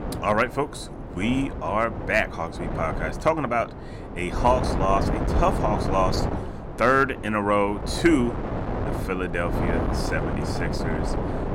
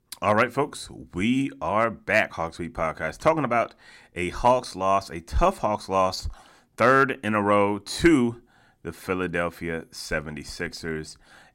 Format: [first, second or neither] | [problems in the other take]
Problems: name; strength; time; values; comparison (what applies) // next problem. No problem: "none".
second | wind noise on the microphone; heavy; 8 dB below the speech